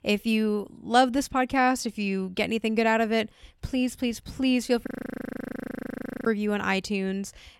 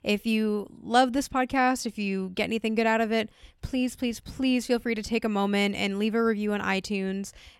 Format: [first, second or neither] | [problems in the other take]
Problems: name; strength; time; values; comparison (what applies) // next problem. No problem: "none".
second | audio freezing; at 5 s for 1.5 s